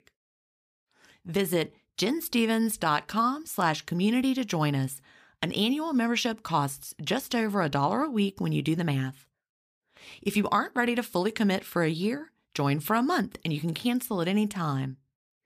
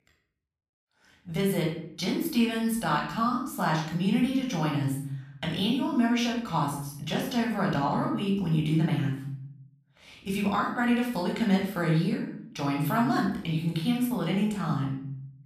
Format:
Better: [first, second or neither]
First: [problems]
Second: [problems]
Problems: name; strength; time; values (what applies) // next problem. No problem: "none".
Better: first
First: none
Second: off-mic speech; far // room echo; noticeable; dies away in 0.7 s